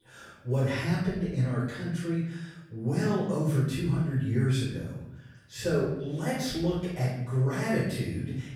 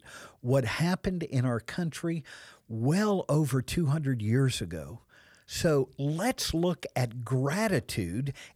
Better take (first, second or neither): second